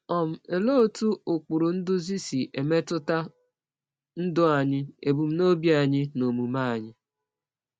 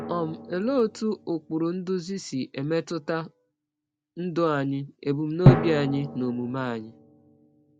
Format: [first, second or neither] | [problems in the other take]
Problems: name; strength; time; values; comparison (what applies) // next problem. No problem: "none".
first | background sound (Drum); 1 dB below the speech